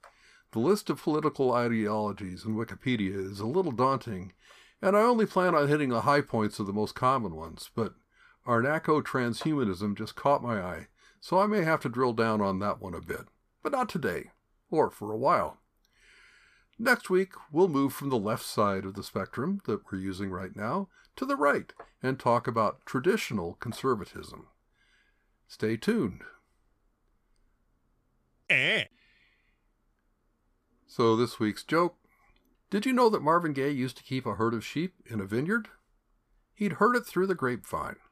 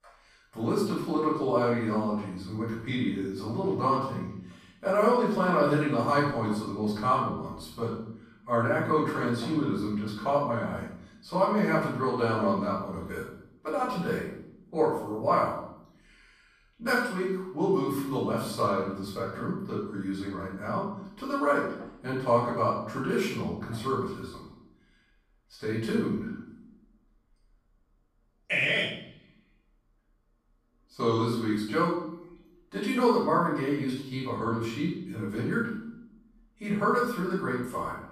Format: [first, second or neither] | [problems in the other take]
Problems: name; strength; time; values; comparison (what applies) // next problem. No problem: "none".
first | room echo; noticeable; dies away in 0.7 s // off-mic speech; far